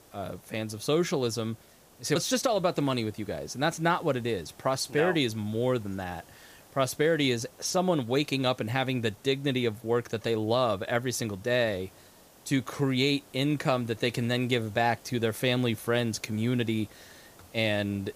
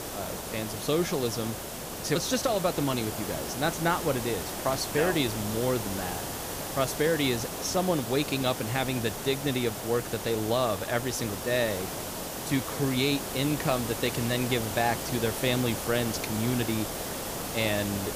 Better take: first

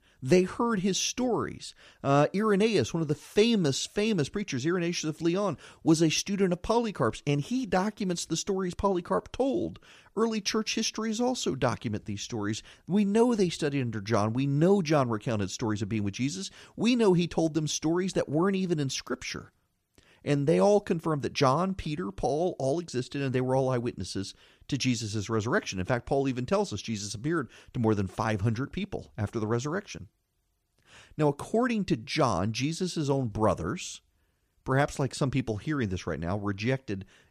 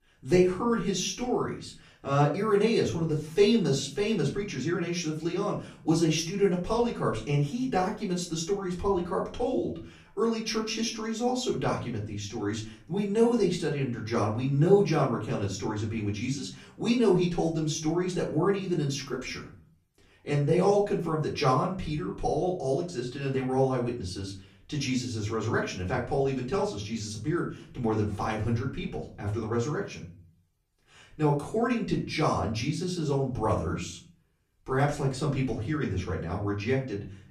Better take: first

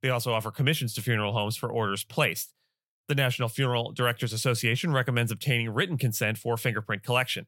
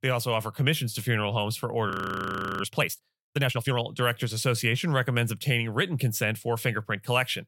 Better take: first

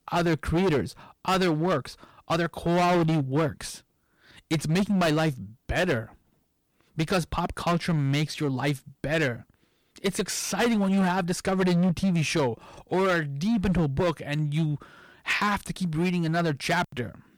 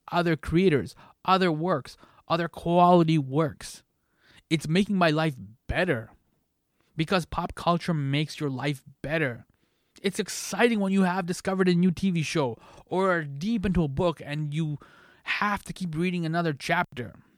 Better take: second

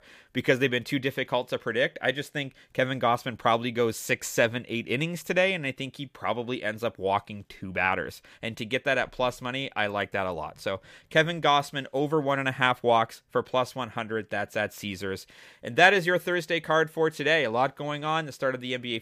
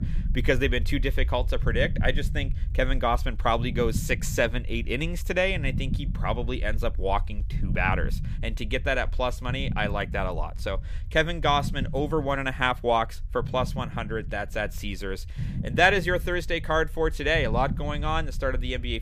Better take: first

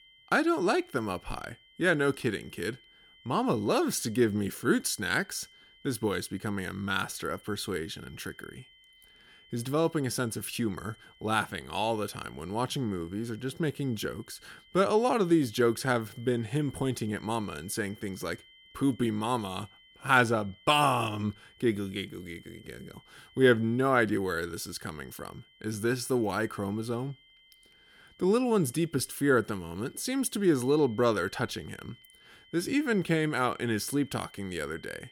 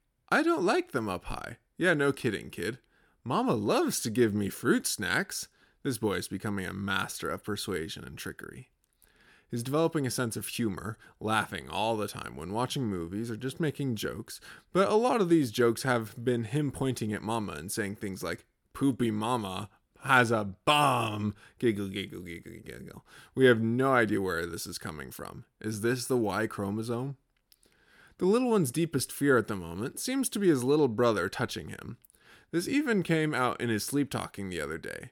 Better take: second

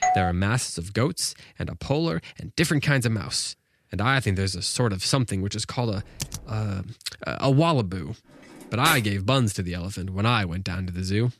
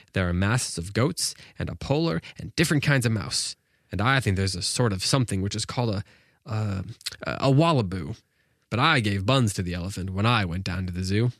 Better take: second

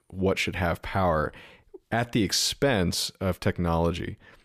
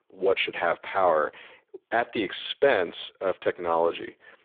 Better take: first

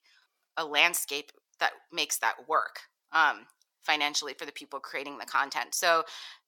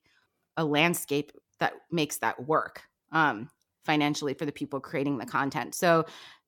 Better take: second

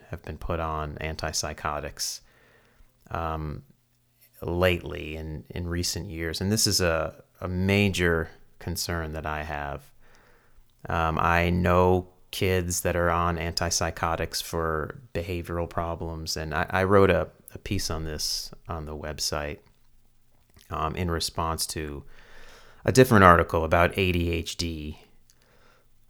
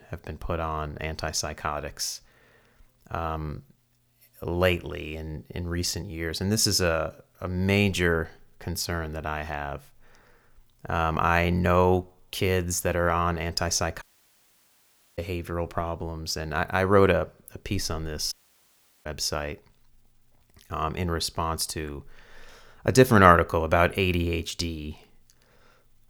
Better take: first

